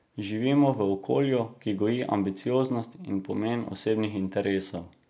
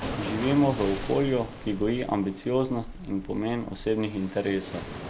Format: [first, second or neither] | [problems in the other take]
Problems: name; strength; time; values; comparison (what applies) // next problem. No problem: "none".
first | background sound (Waves, surf); 10 dB below the speech